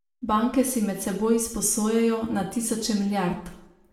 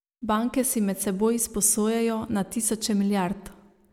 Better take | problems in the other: second | room echo; dies away in 0.5 s

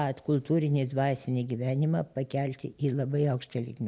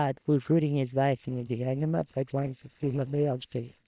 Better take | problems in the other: first | noise reduction (neural separator model SepFormer WHAM!)

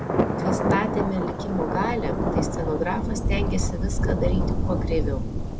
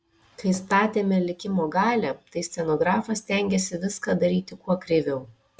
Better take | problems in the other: second | background sound (Thunder); 5 dB above the speech

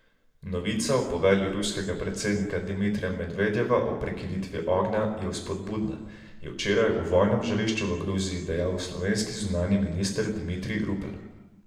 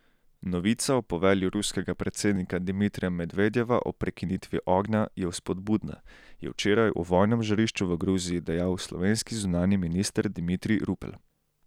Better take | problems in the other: second | room echo; dies away in 1 s

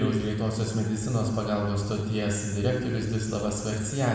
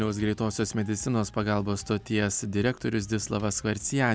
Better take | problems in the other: second | room echo; dies away in 1.2 s

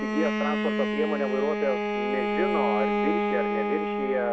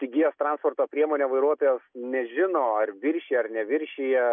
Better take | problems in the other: second | background sound (Bowed string instrument); 3 dB above the speech

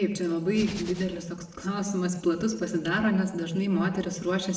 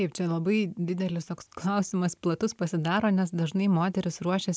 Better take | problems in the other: second | background sound (Hands); 13 dB below the speech // room echo; dies away in 0.8 s

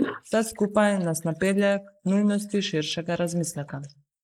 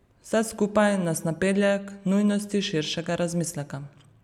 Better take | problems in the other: second | noise reduction (neural mask model Resemble Enhance denoiser)

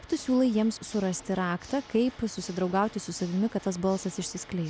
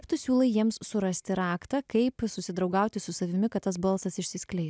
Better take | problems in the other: second | background sound (Water / Mechanisms); 20 dB below the speech

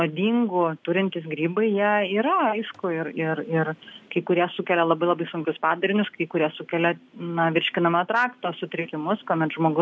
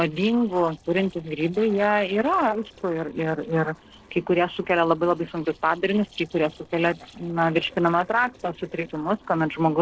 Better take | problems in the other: first | noise reduction (neural separator model SepFormer DNS4)

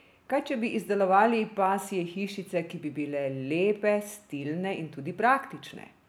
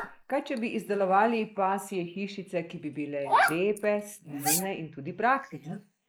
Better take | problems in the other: first | noise reduction (neural mask model Resemble Enhance denoiser)

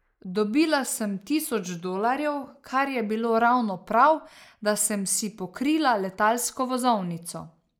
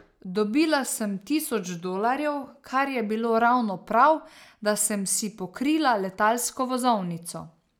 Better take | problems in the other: second | noise reduction (neural mask model Resemble Enhance denoiser)

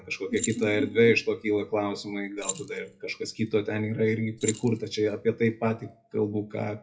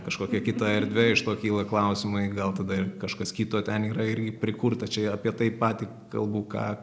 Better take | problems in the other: second | noise reduction (classical method WPE with log-MMSE)

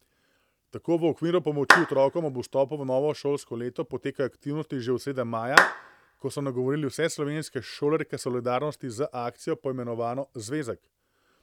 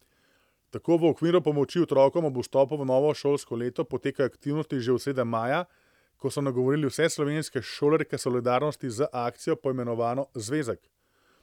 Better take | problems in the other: second | background sound (Clapping); 3 dB above the speech

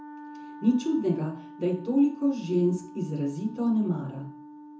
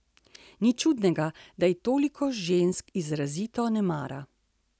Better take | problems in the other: second | background sound (Wind instrument, woodwind instrument); 17 dB below the speech // room echo; dies away in 0.7 s

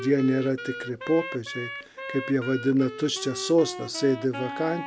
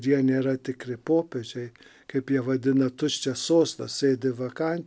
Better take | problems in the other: second | background sound (Wind instrument, woodwind instrument); 11 dB below the speech

